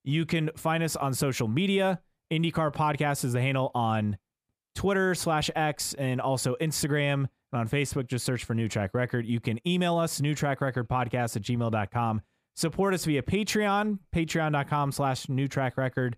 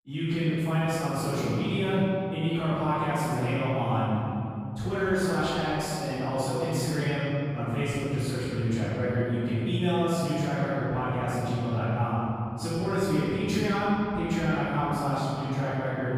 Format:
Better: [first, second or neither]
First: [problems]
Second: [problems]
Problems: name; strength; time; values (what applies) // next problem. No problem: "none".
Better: first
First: none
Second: off-mic speech; far // room echo; strong; dies away in 2.8 s